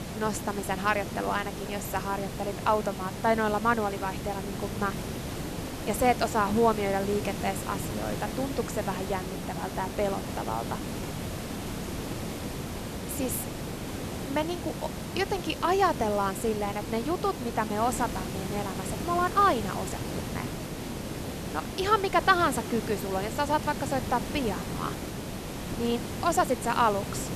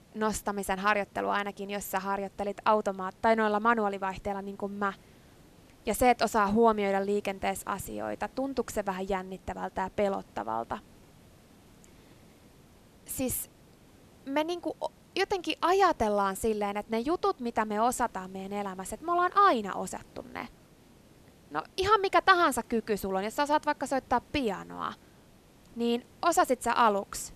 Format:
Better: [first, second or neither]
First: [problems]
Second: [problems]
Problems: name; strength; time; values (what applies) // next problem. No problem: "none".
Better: second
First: hiss; loud; throughout; 6 dB below the speech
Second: hiss; faint; throughout; 30 dB below the speech